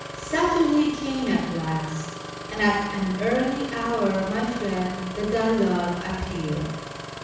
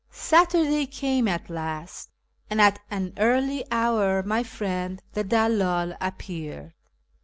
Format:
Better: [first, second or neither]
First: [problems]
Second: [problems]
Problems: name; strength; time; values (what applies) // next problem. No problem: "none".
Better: second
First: background sound (Engine starting); 11 dB below the speech // room echo; dies away in 1.1 s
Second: none